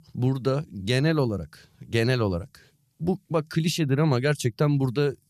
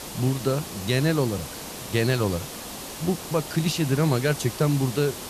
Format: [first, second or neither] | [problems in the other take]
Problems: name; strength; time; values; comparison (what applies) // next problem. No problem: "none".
first | hiss; loud; throughout; 10 dB below the speech